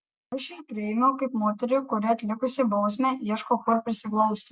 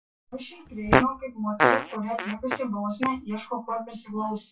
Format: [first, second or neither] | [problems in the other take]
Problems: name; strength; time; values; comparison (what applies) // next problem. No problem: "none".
first | noise reduction (classical method WPE with log-MMSE)